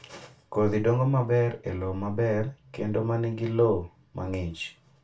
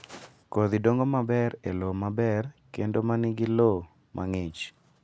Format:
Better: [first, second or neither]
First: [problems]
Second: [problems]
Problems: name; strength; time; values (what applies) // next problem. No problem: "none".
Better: second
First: room echo; dies away in 0.3 s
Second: none